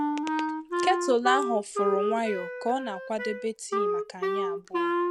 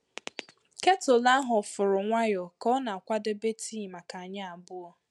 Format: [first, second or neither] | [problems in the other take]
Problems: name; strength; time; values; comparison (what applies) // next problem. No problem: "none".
second | background sound (Wind instrument, woodwind instrument); 1 dB above the speech